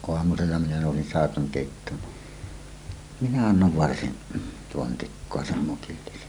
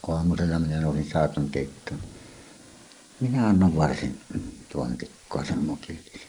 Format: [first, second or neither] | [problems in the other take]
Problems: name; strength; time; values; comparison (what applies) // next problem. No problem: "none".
first | noise reduction (neural mask model Resemble Enhance denoiser)